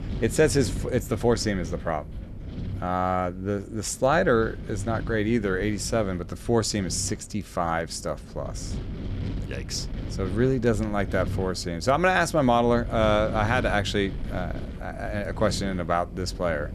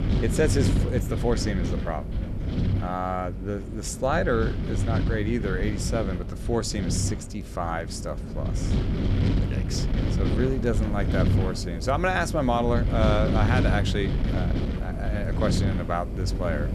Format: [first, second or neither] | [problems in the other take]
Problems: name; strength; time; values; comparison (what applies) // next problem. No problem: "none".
first | wind noise on the microphone; heavy; 7 dB below the speech; occasional gusts in the first